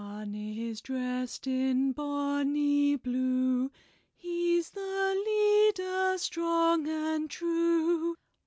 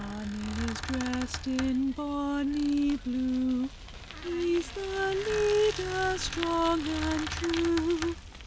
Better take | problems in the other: first | background sound (Bicycle + Squeak); 9 dB below the speech

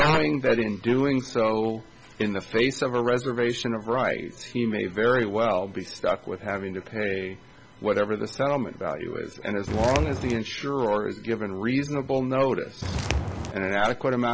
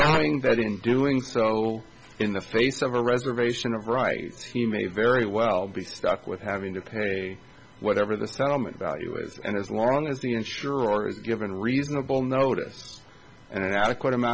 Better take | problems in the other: second | background sound (Walk, footsteps); 2 dB below the speech

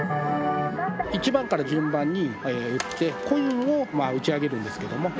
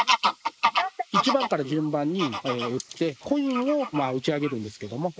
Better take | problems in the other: first | noise reduction (neural mask model Resemble Enhance denoiser)

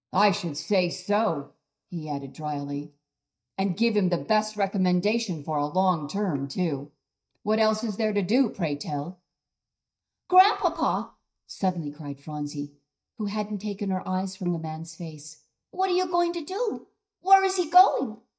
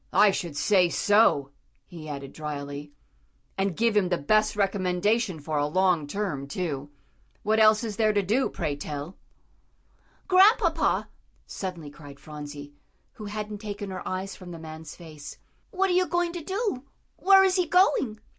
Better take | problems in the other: second | noise reduction (neural mask model DeepFilterNet 3)

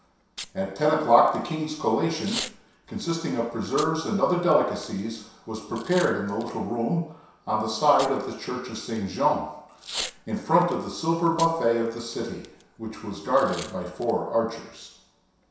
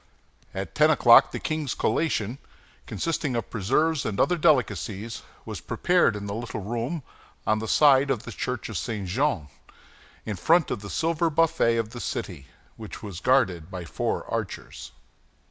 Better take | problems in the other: second | background sound (Packing tape, duct tape / Tearing); 17 dB below the speech // room echo; dies away in 0.7 s

